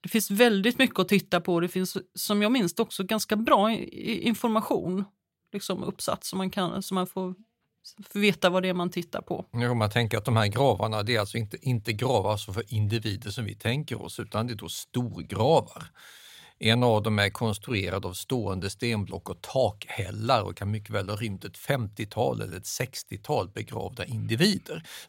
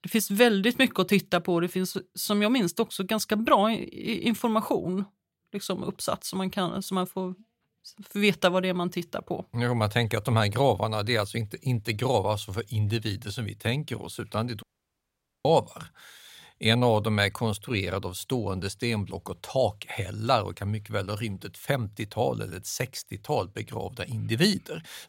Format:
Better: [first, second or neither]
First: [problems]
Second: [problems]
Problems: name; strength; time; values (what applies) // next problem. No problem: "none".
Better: first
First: none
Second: audio cutting out; at 15 s for 1 s